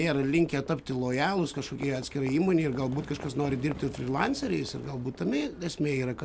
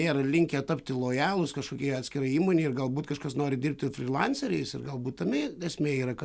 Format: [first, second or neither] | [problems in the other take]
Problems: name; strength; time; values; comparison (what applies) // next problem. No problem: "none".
second | background sound (Livestock, farm animals, working animals); 17 dB below the speech